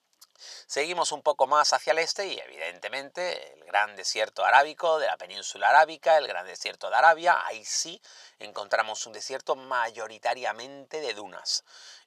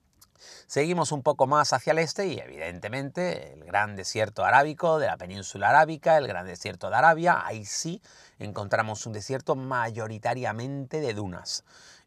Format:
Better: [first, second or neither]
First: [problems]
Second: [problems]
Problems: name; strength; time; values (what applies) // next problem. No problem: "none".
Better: second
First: thin; very; fading below 600 Hz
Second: none